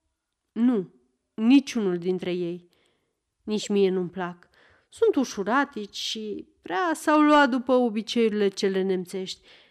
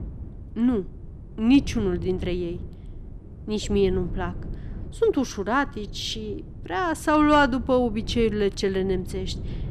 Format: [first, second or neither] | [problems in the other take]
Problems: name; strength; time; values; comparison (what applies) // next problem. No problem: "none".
first | wind noise on the microphone; occasional gusts; 20 dB below the speech